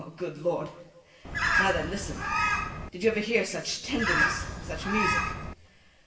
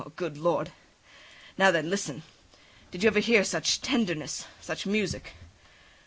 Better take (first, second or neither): second